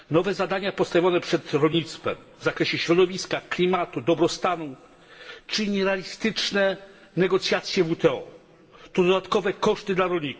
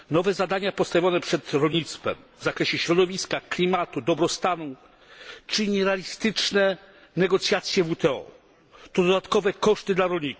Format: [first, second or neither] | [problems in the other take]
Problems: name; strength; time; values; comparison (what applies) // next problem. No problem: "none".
second | room echo; dies away in 1 s